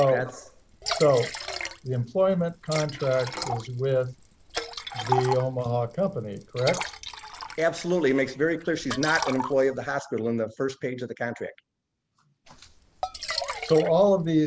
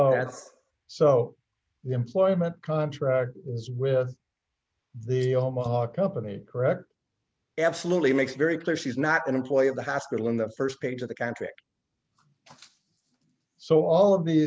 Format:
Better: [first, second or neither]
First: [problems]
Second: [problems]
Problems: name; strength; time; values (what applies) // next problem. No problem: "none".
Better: second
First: background sound (Liquid); 10 dB below the speech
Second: none